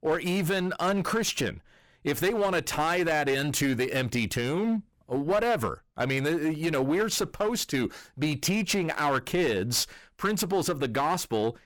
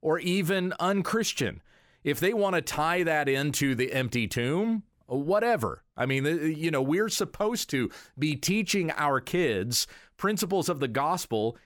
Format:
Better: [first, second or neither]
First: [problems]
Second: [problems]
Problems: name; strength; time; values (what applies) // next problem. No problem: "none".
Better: second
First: distortion; slight; 11% of the sound clipped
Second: none